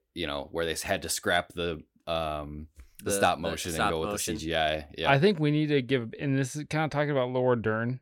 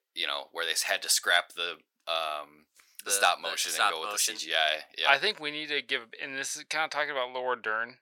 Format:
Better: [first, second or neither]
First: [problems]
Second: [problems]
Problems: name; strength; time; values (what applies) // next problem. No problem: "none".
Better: first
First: none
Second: thin; very; fading below 950 Hz